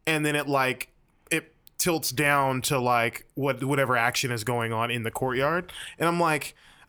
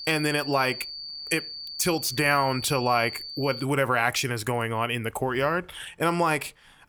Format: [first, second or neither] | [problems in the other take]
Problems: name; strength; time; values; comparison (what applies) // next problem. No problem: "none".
first | high-pitched whine; loud; until 3.5 s; 4.5 kHz, 9 dB below the speech